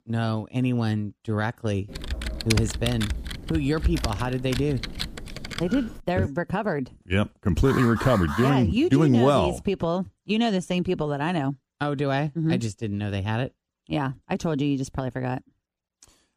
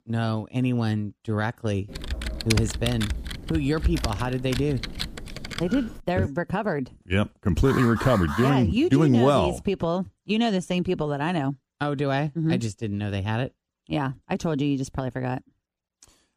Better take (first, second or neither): neither